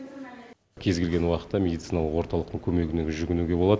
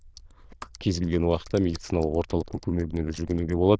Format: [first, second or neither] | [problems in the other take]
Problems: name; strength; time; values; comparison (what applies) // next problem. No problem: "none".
first | noise reduction (neural diffusion model UNIVERSE++)